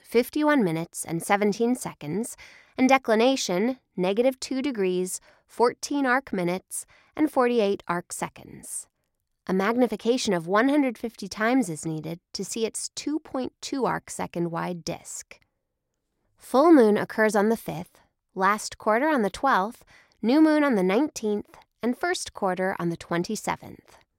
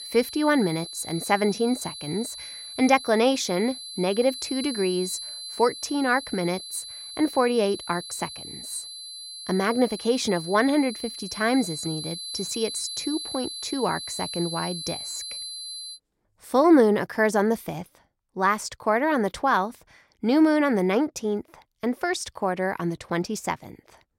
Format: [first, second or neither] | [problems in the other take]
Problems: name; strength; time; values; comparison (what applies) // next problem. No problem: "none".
first | high-pitched whine; loud; until 16 s; 4 kHz, 9 dB below the speech